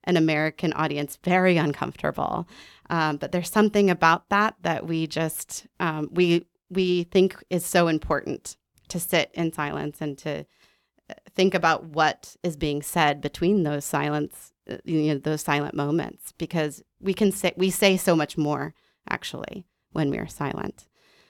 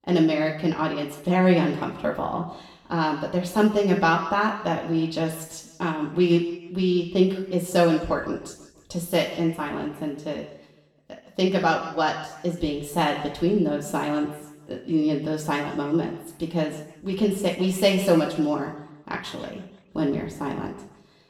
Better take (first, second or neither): first